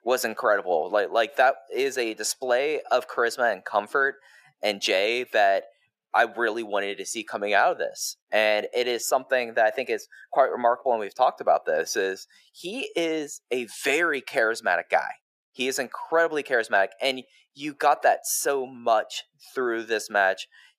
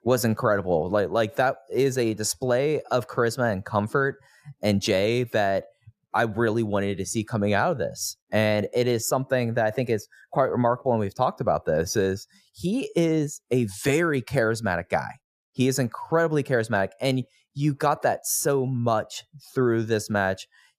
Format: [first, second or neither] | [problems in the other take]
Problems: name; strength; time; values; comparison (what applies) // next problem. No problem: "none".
second | thin; very; fading below 350 Hz